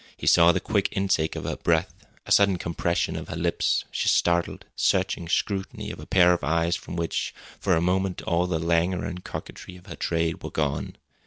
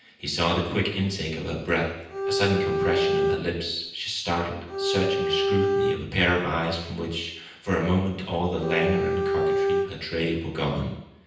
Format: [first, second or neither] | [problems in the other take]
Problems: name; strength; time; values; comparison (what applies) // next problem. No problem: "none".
first | background sound (Bowed string instrument); 1 dB above the speech // room echo; dies away in 0.9 s